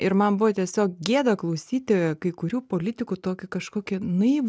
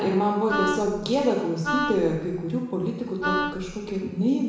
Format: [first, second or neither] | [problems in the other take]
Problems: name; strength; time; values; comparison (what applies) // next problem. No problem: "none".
first | background sound (Wind instrument, woodwind instrument); 5 dB below the speech // room echo; dies away in 1 s